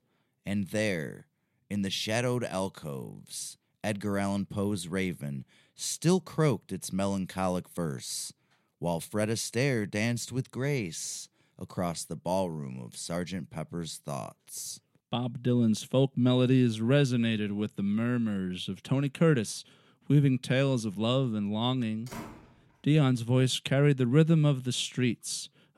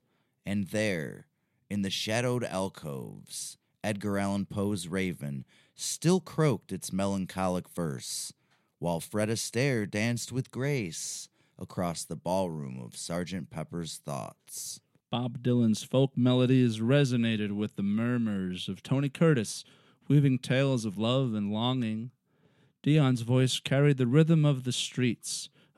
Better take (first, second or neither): second